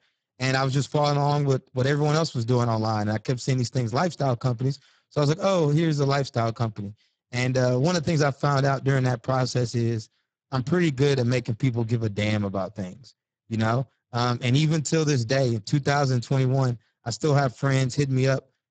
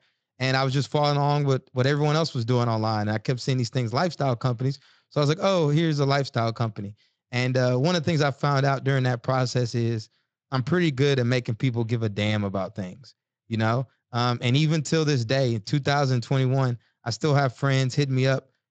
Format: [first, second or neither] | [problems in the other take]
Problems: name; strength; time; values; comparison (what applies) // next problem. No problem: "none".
second | garbled, watery; badly; nothing above 7.5 kHz; slightly in the second